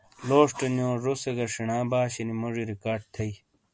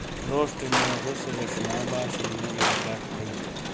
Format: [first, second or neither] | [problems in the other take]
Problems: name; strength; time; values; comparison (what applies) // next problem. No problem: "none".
first | background sound (Gunshot, gunfire + Crowd); 3 dB above the speech